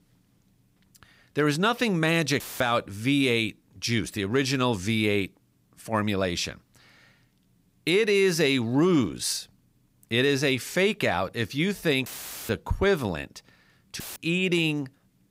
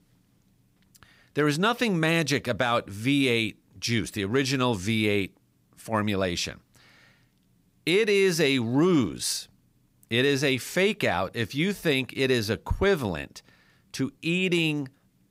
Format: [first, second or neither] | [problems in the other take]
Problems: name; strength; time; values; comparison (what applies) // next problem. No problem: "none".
second | audio cutting out; filled with static; at 2.5 s, at 12 s and at 14 s